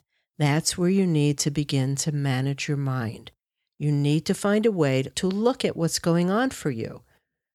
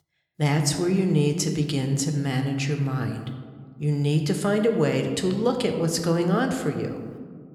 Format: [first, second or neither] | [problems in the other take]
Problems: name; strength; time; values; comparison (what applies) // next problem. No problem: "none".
first | room echo; slight; dies away in 1.3 s